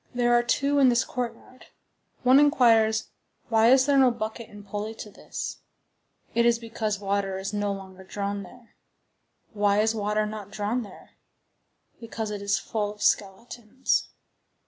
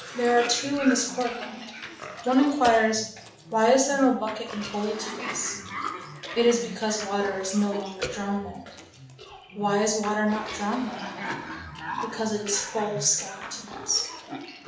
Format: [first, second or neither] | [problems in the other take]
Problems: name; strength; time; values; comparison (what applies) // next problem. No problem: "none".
first | background sound (Cough); 11 dB below the speech // room echo; dies away in 0.5 s